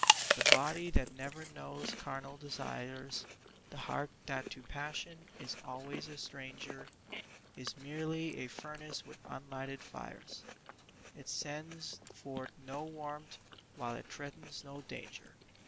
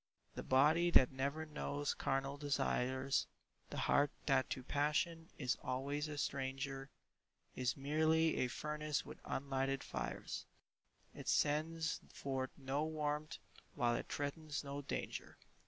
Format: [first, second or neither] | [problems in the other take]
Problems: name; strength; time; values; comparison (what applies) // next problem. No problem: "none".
second | background sound (Chewing, mastication); 1 dB above the speech